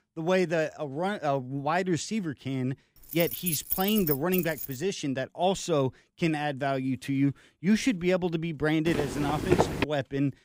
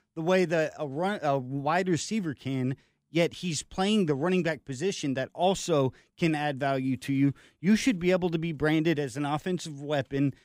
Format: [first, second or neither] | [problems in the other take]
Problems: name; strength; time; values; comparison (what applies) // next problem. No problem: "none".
second | jangling keys; noticeable; from 3 to 4.5 s; peak level with the speech // footsteps; loud; at 9 s; peak 3 dB above the speech